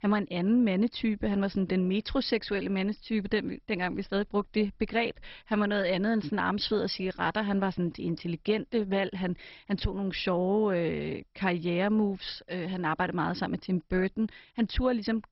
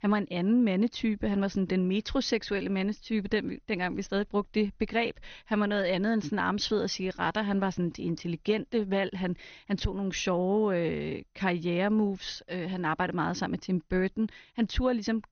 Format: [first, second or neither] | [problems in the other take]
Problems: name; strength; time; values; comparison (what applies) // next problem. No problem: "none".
second | garbled, watery; badly; nothing above 5.5 kHz; slightly in the second